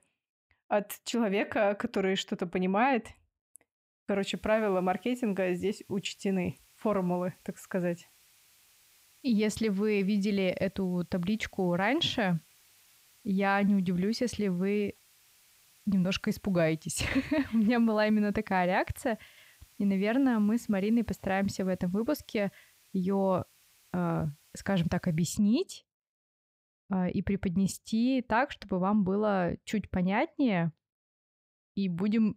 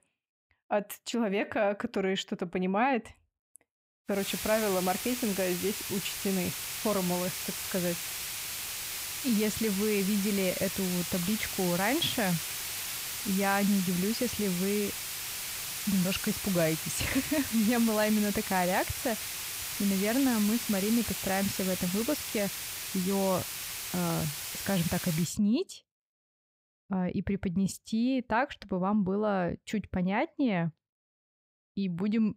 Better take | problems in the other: first | hiss; loud; from 4 to 25 s; 3 dB below the speech; faint in the first

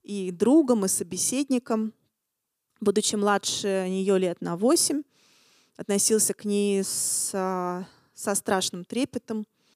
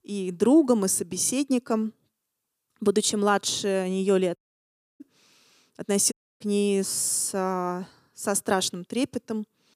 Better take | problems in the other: first | audio cutting out; at 4.5 s for 0.5 s and at 6 s

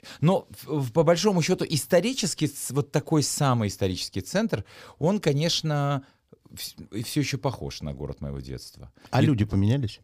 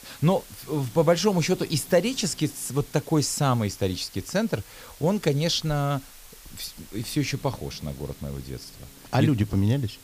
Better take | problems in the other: first | hiss; noticeable; throughout; 20 dB below the speech

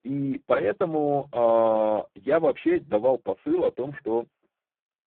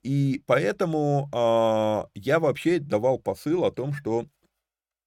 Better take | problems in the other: second | phone-call audio; poor line; nothing above 3.5 kHz

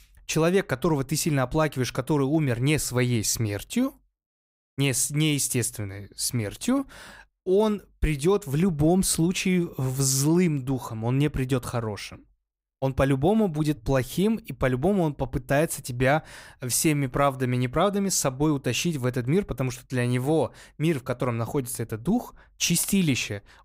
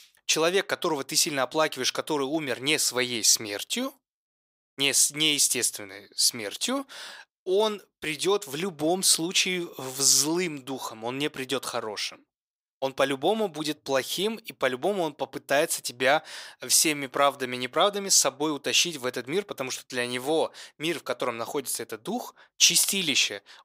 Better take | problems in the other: first | thin; somewhat; fading below 400 Hz

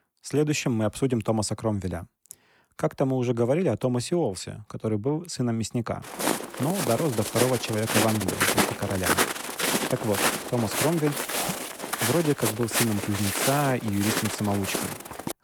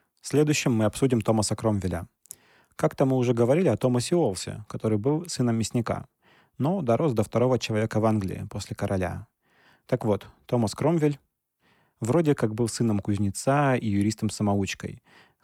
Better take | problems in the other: second | footsteps; loud; from 6 s on; peak 5 dB above the speech

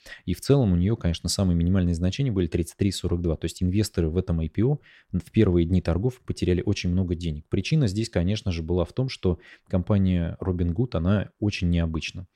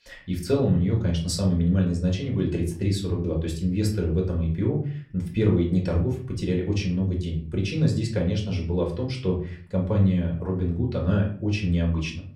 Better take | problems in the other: first | room echo; slight; dies away in 0.4 s // off-mic speech; somewhat distant

